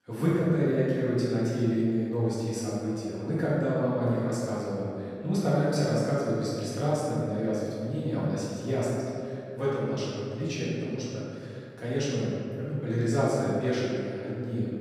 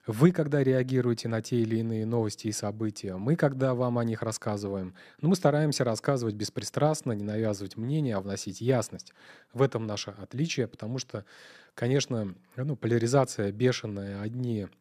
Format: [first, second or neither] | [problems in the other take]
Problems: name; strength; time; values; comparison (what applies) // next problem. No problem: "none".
second | room echo; strong; dies away in 2.2 s // off-mic speech; far